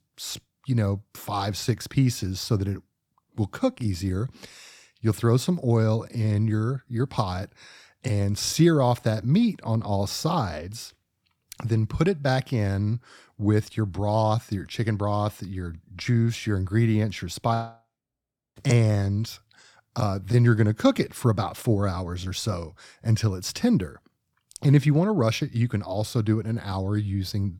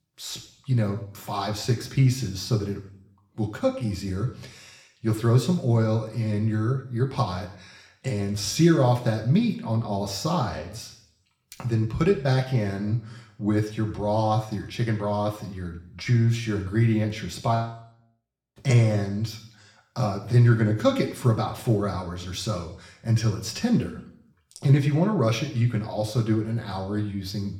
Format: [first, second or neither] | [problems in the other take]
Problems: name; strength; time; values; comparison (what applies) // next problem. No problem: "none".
first | room echo; slight; dies away in 0.6 s